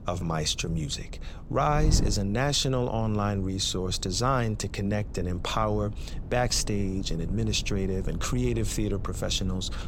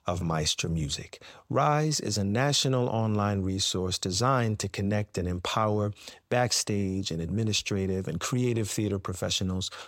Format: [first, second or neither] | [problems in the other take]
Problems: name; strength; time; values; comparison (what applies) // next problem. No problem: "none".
second | wind noise on the microphone; occasional gusts; 20 dB below the speech